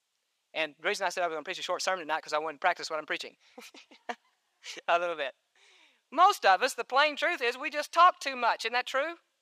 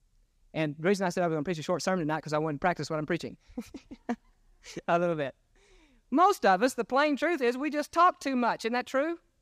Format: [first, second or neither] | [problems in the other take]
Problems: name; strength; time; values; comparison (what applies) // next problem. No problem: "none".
second | thin; very; fading below 750 Hz